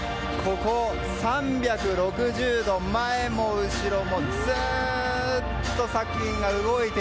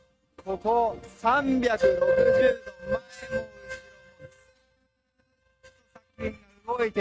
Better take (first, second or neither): first